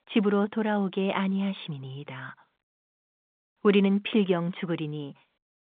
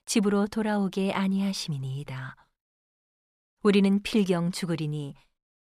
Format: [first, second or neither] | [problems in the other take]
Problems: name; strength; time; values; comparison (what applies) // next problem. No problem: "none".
second | phone-call audio